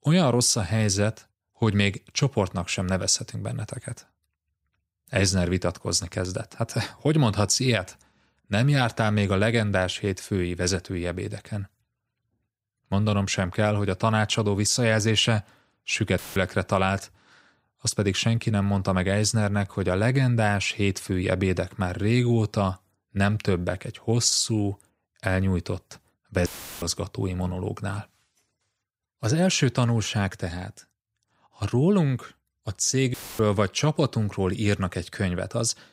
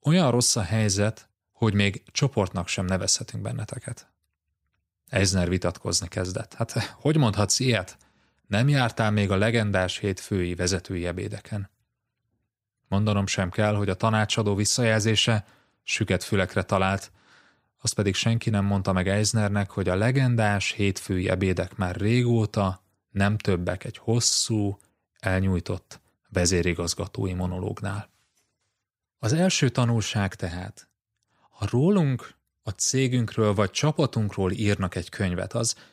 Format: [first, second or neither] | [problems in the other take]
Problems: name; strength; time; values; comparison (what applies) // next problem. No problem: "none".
second | audio cutting out; filled with static; at 16 s, at 26 s and at 33 s